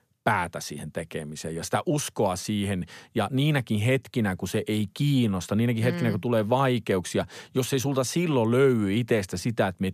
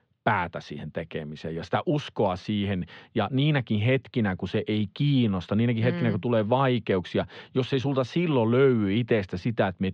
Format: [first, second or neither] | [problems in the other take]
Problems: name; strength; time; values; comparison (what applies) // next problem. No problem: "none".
first | muffled; slightly; fading above 3.5 kHz